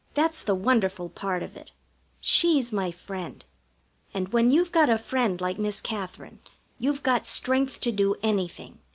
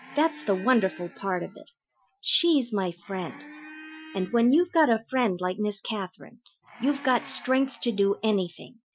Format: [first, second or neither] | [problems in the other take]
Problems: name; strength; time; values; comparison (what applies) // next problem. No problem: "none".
first | noise reduction (classical method Wiener filter)